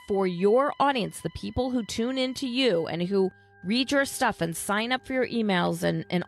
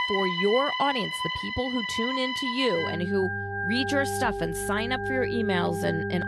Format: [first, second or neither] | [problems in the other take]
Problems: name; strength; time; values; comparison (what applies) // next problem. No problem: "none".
first | background music; loud; throughout; 1 dB below the speech; faint in the first